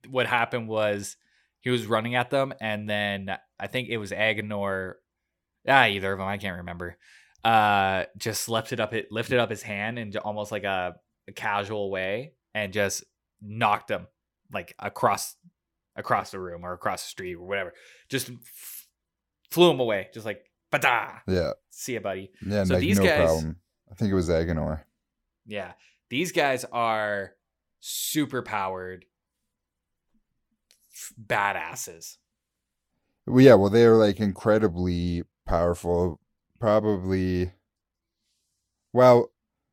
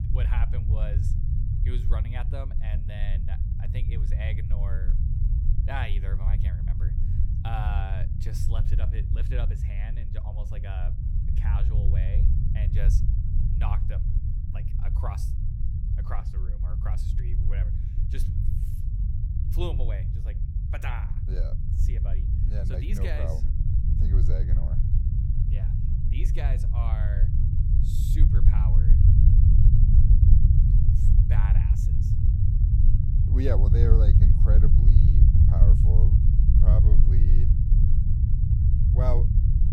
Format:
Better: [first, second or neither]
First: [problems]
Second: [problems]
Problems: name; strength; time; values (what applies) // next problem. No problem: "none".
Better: first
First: none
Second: low rumble; loud; throughout; as loud as the speech